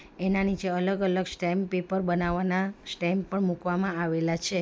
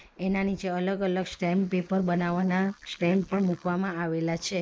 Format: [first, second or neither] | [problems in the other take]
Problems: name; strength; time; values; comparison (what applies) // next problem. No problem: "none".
first | noise reduction (neural mask model Resemble Enhance denoiser)